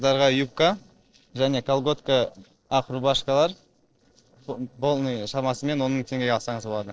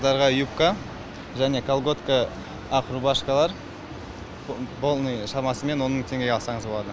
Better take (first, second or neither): second